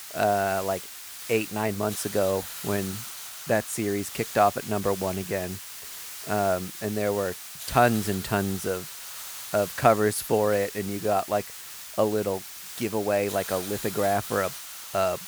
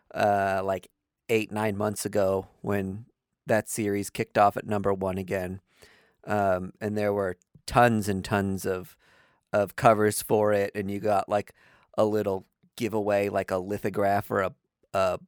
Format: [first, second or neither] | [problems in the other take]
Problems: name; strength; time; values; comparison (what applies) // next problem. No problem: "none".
second | hiss; loud; throughout; 9 dB below the speech